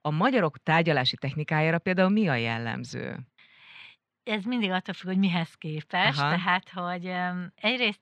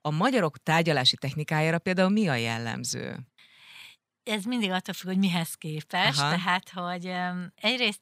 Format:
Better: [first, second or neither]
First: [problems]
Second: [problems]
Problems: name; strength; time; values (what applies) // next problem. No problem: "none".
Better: second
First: muffled; slightly; fading above 2.5 kHz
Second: none